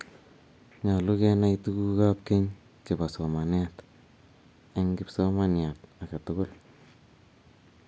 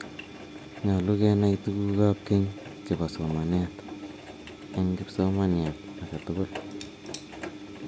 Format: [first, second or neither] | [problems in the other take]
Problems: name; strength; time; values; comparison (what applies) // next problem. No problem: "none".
first | background sound (Engine); 13 dB below the speech